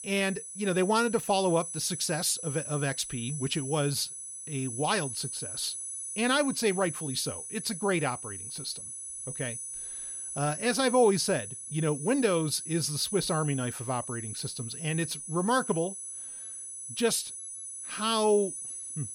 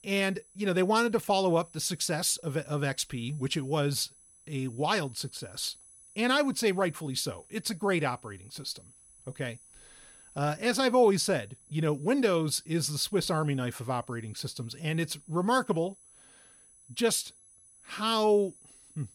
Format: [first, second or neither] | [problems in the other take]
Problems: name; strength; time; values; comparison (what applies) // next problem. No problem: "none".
second | high-pitched whine; loud; throughout; 10.5 kHz, 7 dB below the speech; faint in the second